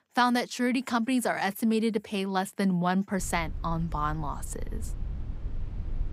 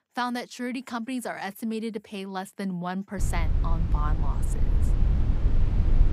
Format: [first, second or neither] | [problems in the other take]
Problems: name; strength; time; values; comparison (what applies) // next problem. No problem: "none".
first | low rumble; loud; from 3 s on; 8 dB below the speech; faint in the first